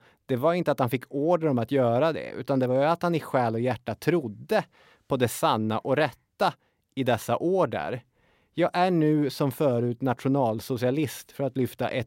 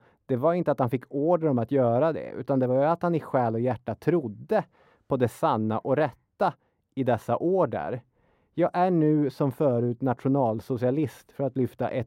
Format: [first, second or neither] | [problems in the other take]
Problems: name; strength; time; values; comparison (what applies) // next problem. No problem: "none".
first | muffled; slightly; fading above 2 kHz